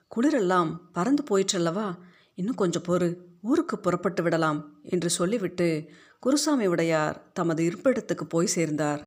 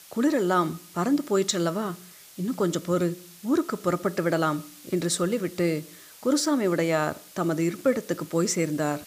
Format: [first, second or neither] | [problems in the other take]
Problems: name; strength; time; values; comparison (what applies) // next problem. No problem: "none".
first | hiss; faint; throughout; 20 dB below the speech